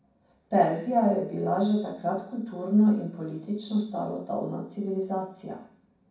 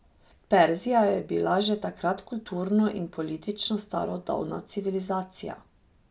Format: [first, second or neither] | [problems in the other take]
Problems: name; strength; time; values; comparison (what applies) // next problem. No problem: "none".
second | room echo; dies away in 0.6 s